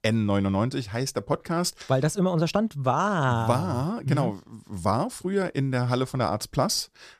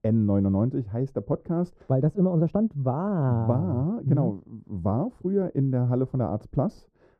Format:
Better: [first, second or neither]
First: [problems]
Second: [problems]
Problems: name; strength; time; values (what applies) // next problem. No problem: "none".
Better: first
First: none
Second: muffled; very; fading above 1.5 kHz